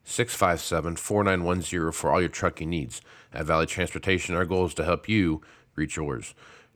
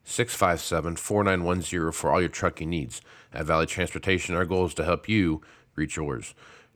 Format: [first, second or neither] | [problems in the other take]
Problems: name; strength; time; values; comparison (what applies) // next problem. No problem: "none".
neither | none